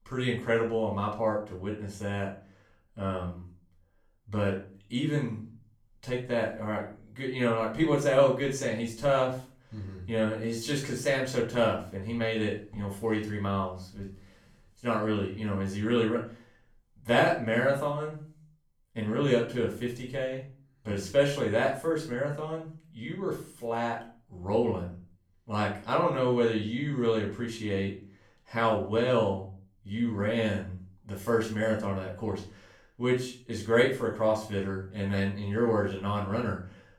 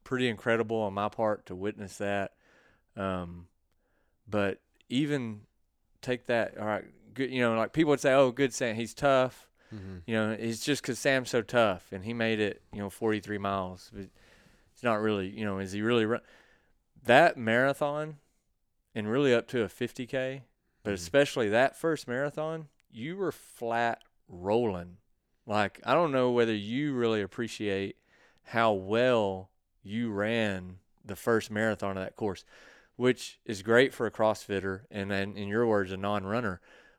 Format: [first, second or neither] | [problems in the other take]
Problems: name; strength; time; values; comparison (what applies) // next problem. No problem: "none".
second | off-mic speech; far // room echo; slight; dies away in 0.4 s